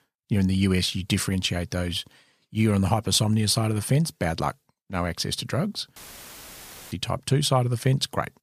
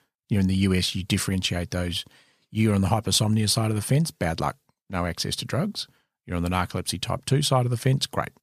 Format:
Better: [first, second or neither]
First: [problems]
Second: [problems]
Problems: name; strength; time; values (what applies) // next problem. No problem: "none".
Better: second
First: audio cutting out; filled with static; at 6 s for 1 s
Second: none